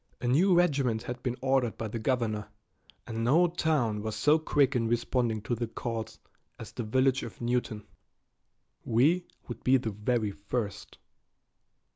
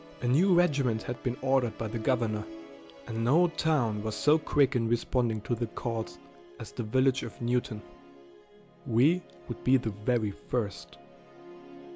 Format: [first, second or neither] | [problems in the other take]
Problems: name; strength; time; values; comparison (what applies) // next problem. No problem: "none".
first | background sound (Musical instrument); 18 dB below the speech